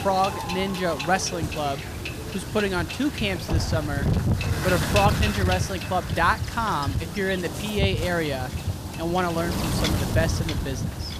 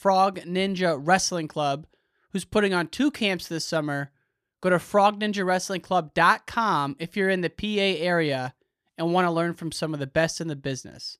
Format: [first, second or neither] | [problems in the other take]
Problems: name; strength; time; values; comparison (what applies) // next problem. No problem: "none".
second | wind noise on the microphone; heavy; 6 dB below the speech